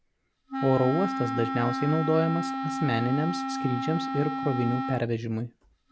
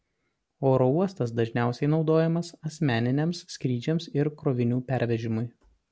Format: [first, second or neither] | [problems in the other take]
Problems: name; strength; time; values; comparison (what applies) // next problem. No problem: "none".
second | background sound (Wind instrument, woodwind instrument); 4 dB below the speech